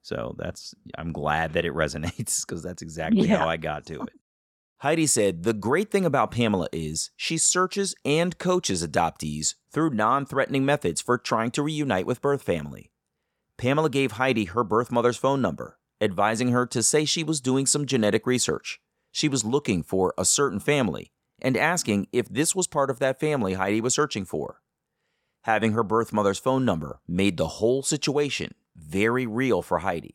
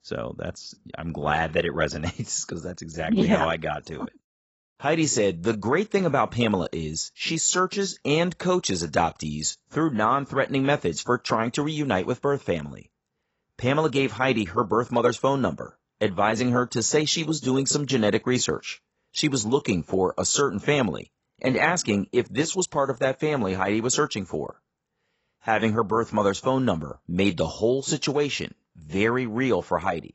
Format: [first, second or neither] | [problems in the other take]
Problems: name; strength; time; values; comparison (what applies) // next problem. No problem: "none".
first | garbled, watery; badly; nothing above 8 kHz